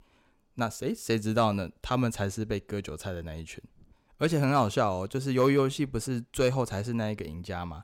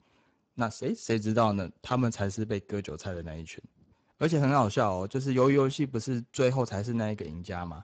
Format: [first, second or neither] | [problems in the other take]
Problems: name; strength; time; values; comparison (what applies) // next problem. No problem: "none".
first | garbled, watery; badly; nothing above 7.5 kHz